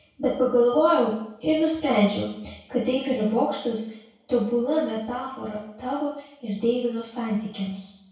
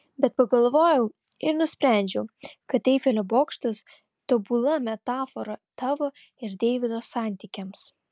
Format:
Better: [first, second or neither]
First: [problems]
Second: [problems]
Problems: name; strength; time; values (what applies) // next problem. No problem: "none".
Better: second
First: room echo; dies away in 0.6 s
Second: none